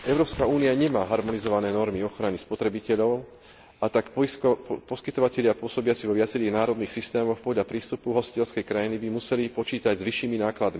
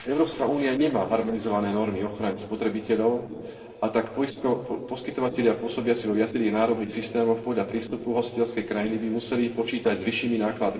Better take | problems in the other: first | noise reduction (neural separator model SepFormer DNS4)

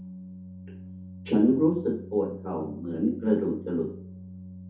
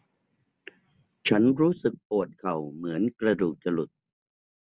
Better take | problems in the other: second | background sound (Organ); 14 dB below the speech // room echo; dies away in 0.5 s

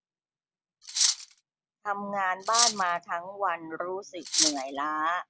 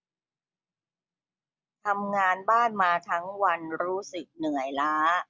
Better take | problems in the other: second | background sound (Cutlery, silverware); 4 dB above the speech

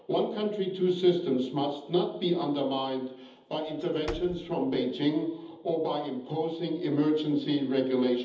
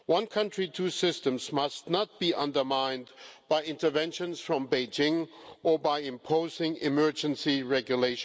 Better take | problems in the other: second | background sound (Slam / Wood); 17 dB below the speech // room echo; dies away in 0.8 s

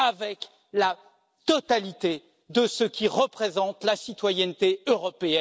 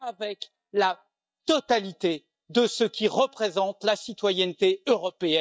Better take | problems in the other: first | noise reduction (neural mask model DeepFilterNet 3)

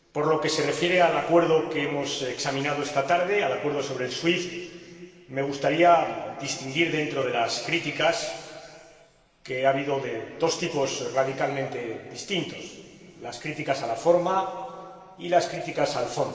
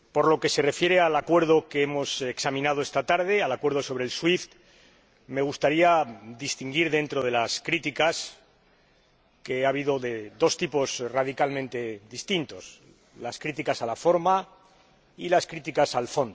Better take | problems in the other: second | room echo; dies away in 2.4 s

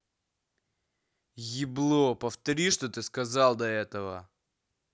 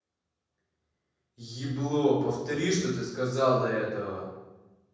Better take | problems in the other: first | room echo; dies away in 1.1 s

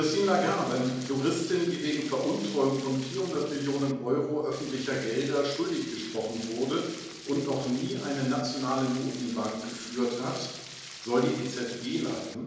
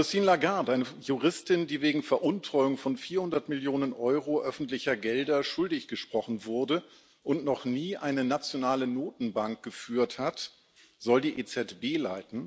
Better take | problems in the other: second | background sound (Stream); 15 dB below the speech // room echo; dies away in 1 s

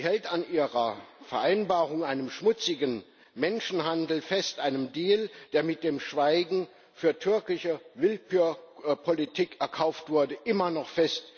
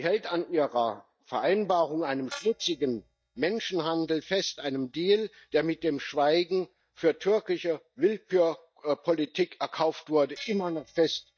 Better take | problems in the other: first | noise reduction (neural mask model DeepFilterNet 3)

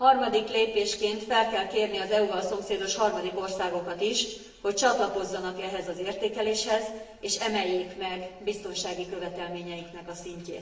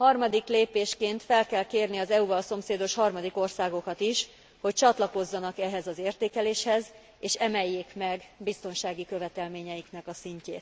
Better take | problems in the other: second | room echo; dies away in 1 s

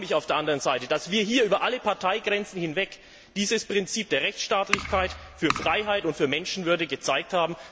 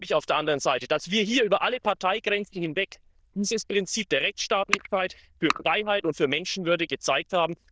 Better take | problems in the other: first | noise reduction (neural diffusion model UNIVERSE++)

